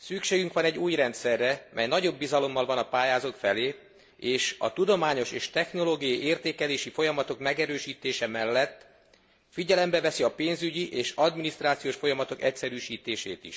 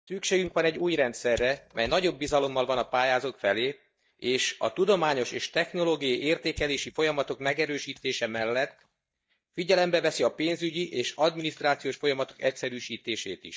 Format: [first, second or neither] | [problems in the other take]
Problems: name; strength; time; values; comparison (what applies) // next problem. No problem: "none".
first | noise reduction (neural mask model DeepFilterNet 3)